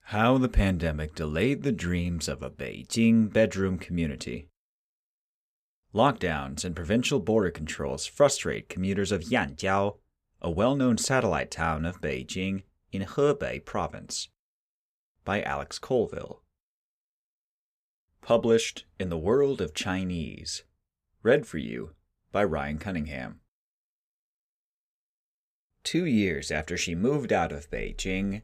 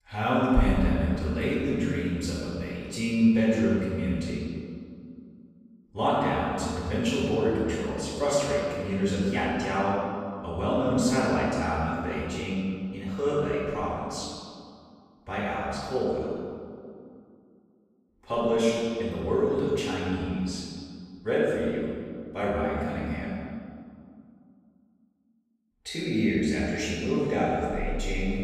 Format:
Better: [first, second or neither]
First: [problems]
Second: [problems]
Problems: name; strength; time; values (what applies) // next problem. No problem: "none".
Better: first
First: none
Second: off-mic speech; far // room echo; strong; dies away in 2 s